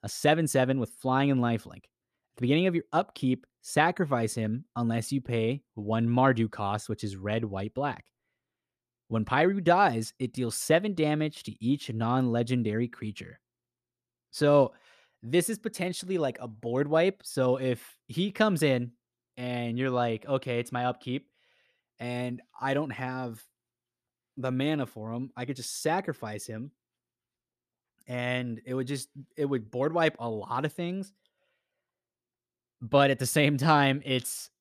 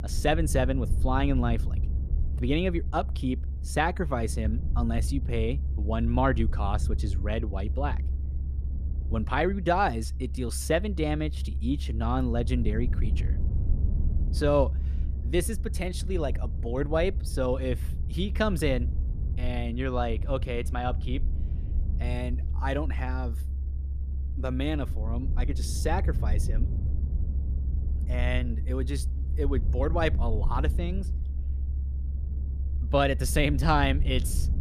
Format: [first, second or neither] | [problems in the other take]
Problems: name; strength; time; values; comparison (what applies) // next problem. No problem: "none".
first | low rumble; noticeable; throughout; 15 dB below the speech